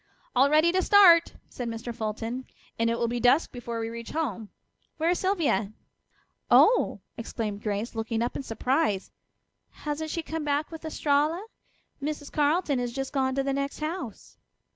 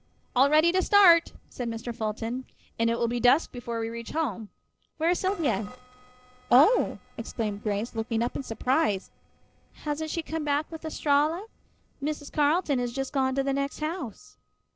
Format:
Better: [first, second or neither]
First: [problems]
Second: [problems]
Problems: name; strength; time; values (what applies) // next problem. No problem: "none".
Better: first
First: none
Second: noise reduction (neural separator model SepFormer DNS4)